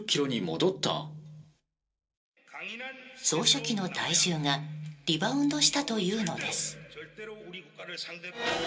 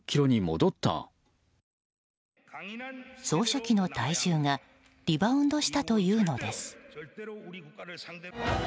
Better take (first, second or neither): second